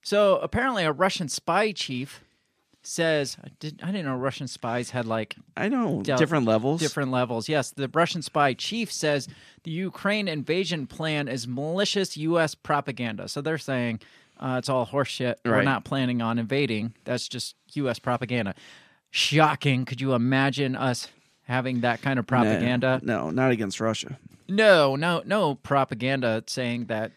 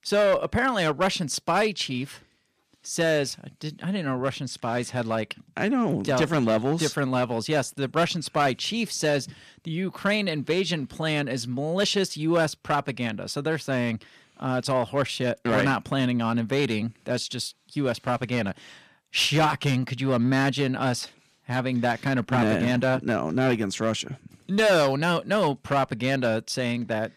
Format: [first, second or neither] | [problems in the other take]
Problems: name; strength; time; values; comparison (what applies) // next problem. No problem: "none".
first | distortion; slight; 4% of the sound clipped